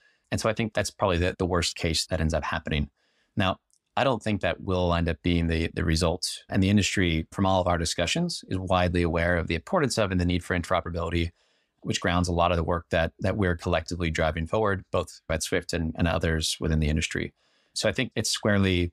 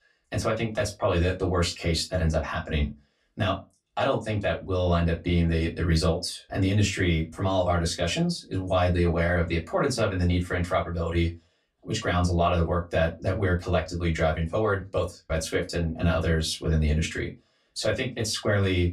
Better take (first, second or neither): first